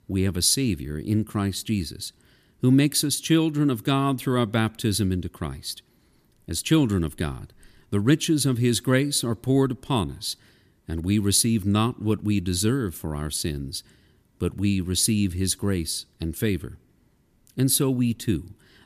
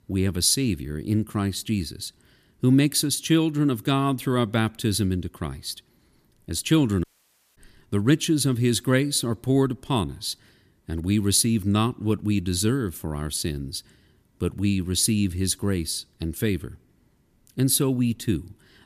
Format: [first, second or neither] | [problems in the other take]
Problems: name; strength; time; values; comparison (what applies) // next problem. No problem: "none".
first | audio cutting out; at 7 s for 0.5 s